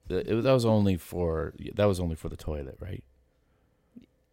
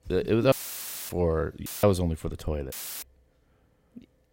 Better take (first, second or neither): first